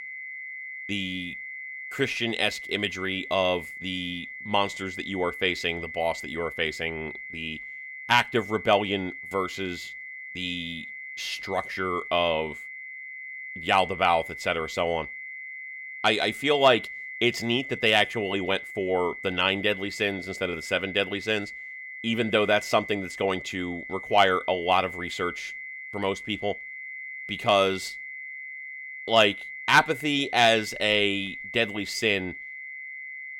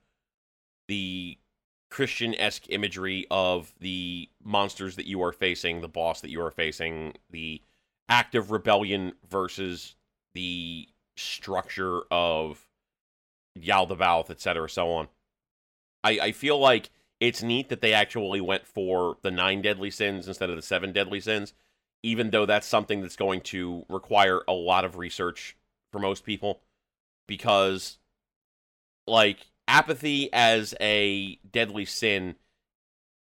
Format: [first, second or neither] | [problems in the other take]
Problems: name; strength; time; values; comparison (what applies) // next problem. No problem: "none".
second | high-pitched whine; noticeable; throughout; 2 kHz, 10 dB below the speech